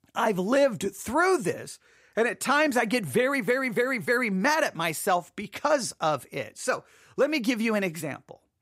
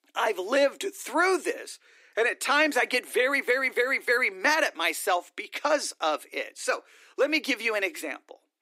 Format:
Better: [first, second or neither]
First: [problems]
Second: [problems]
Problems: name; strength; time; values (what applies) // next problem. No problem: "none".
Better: first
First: none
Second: thin; somewhat; fading below 300 Hz